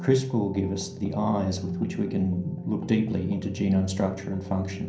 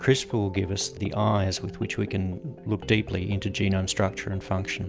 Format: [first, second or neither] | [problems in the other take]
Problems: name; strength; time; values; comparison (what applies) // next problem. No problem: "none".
second | room echo; dies away in 0.6 s